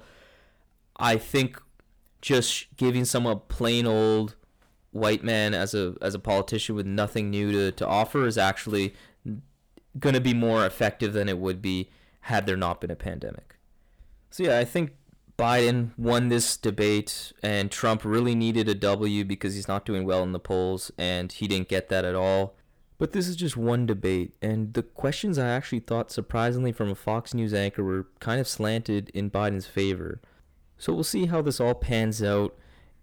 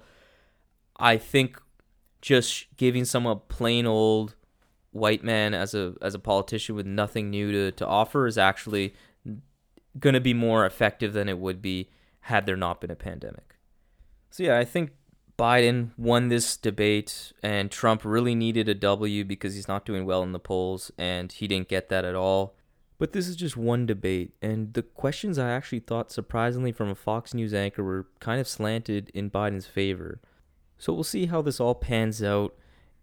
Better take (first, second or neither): second